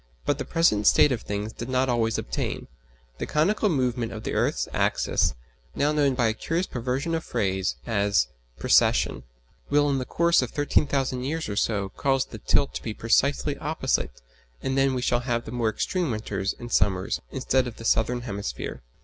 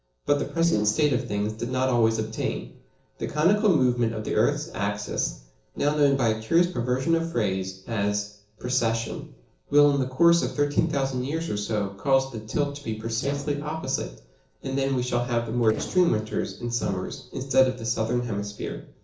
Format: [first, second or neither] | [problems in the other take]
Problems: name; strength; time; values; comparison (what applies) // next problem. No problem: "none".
first | noise reduction (neural separator model SepFormer DNS4)